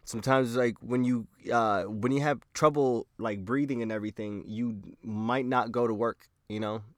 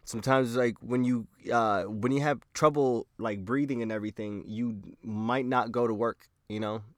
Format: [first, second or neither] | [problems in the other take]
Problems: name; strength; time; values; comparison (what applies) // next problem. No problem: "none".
neither | none